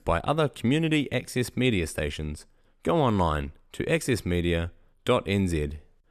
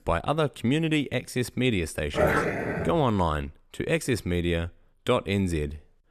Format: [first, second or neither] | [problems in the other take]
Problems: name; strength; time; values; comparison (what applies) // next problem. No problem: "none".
first | dog barking; loud; at 2 s; peak 4 dB above the speech